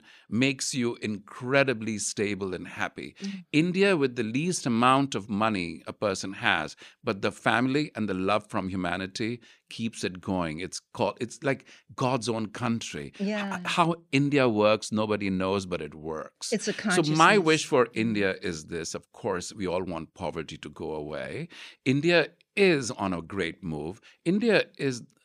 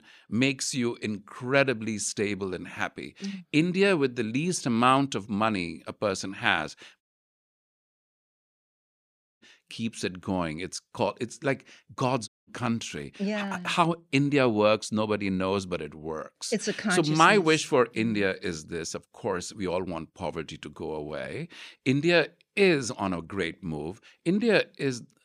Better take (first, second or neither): first